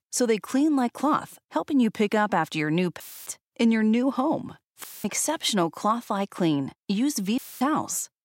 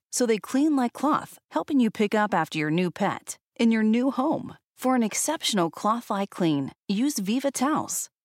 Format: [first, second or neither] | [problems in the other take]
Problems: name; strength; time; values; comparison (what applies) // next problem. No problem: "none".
second | audio cutting out; filled with static; at 3 s, at 5 s and at 7.5 s